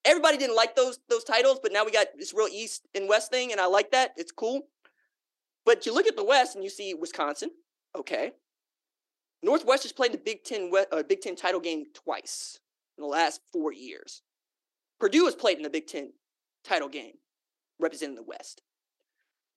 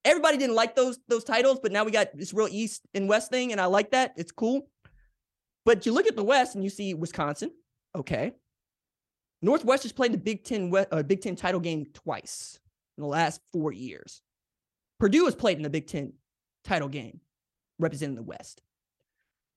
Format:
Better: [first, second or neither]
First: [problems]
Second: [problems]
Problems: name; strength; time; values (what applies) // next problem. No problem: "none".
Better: second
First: thin; somewhat; fading below 300 Hz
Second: none